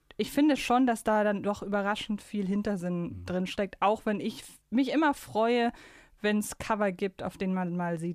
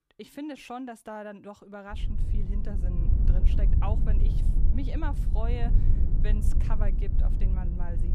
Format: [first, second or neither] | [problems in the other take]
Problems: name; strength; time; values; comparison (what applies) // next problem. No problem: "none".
first | low rumble; loud; from 2 s on; 4 dB below the speech